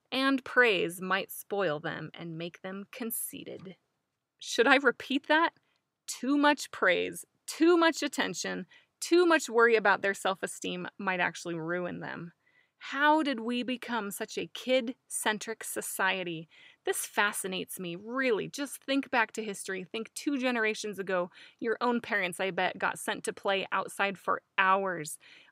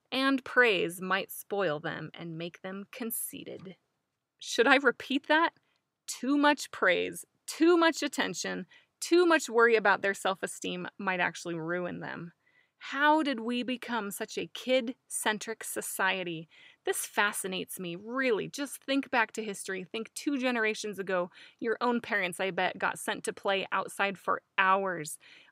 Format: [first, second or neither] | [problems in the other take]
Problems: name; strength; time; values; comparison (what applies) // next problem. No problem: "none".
neither | none